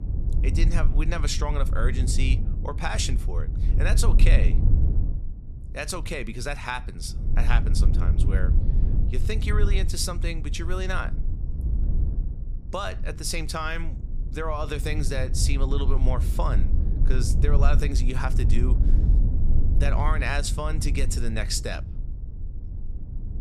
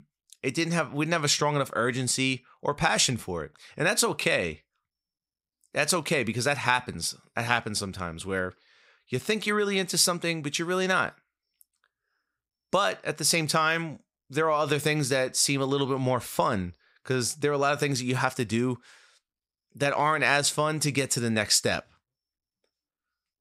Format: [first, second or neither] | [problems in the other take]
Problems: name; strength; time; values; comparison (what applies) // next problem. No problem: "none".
second | low rumble; noticeable; throughout; 10 dB below the speech